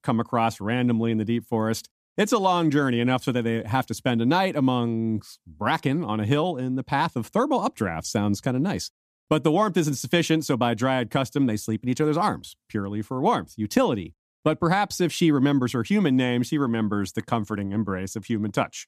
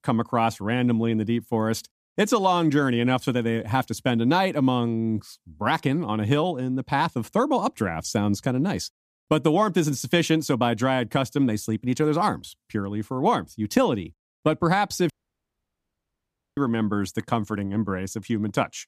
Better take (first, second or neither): first